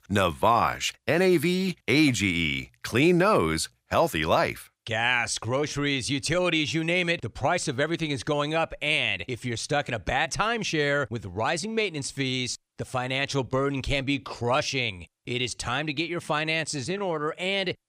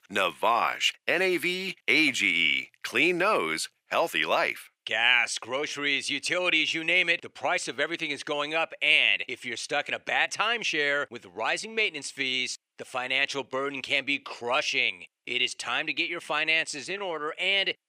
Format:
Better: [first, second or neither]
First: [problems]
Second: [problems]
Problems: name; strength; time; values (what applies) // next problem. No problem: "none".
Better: first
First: none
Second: thin; somewhat; fading below 350 Hz